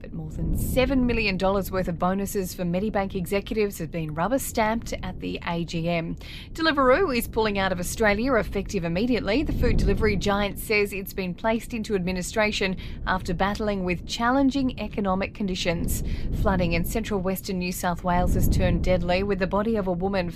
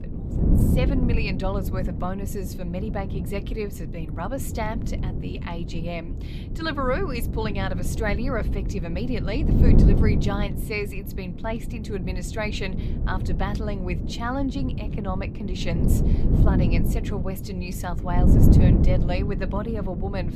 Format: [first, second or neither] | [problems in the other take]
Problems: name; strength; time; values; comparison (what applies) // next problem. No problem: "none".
first | wind noise on the microphone; heavy; 4 dB below the speech; occasional gusts in the first